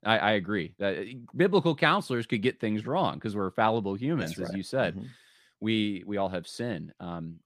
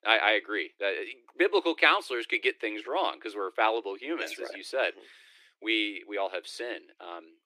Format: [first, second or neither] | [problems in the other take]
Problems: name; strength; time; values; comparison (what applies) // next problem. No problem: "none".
first | thin; very; fading below 300 Hz